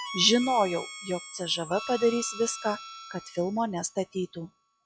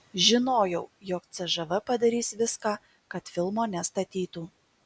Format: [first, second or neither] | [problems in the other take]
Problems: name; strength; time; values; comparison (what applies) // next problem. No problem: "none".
second | noise reduction (classical method log-MMSE)